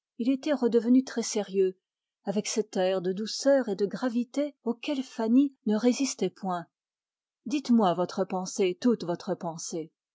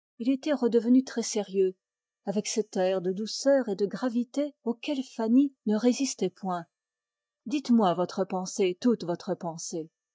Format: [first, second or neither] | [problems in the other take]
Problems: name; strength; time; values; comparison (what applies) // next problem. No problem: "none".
first | noise reduction (neural mask model DeepFilterNet 3)